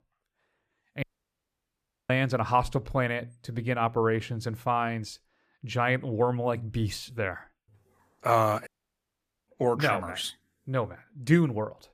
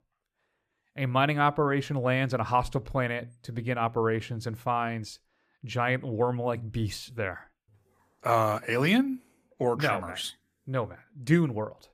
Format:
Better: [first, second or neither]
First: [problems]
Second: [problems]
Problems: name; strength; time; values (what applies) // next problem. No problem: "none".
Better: second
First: audio cutting out; at 1 s for 1 s and at 8.5 s for 1 s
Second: none